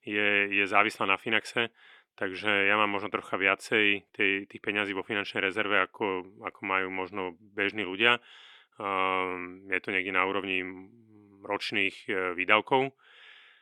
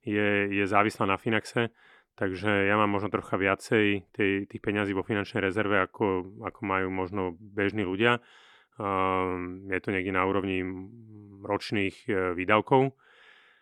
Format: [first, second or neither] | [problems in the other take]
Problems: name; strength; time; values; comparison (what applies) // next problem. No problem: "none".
second | thin; very slightly; fading below 400 Hz